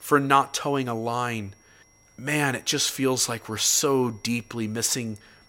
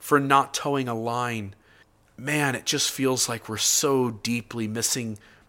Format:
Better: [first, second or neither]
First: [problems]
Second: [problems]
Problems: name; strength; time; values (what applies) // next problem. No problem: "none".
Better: second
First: high-pitched whine; faint; throughout; 5.5 kHz, 35 dB below the speech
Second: none